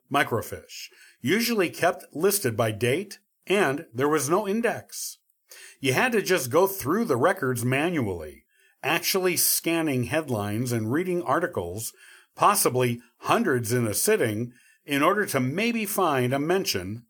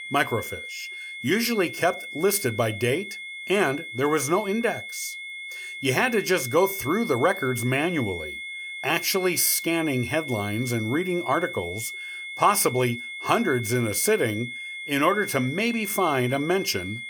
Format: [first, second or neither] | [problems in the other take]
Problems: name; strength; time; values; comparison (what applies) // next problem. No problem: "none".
first | high-pitched whine; loud; throughout; 2 kHz, 9 dB below the speech